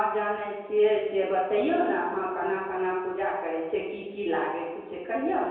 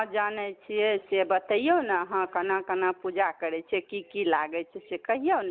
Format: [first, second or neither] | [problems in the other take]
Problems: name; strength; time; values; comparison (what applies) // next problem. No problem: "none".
second | room echo; dies away in 1.2 s